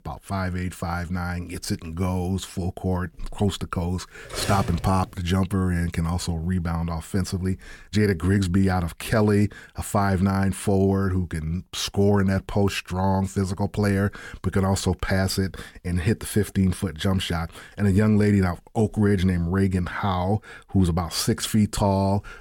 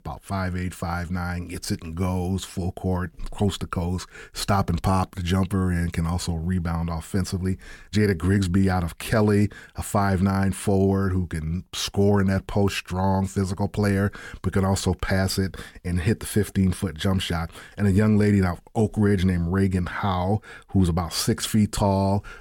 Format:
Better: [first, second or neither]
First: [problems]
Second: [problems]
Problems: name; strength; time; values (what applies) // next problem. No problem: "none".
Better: second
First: clattering dishes; noticeable; at 4.5 s; peak 6 dB below the speech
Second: none